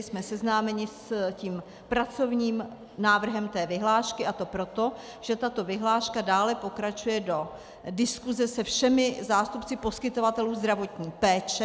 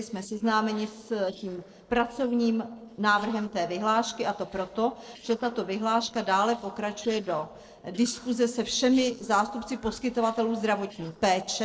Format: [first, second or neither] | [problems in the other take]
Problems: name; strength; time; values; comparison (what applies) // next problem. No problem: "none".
first | noise reduction (neural separator model SepFormer DNS4)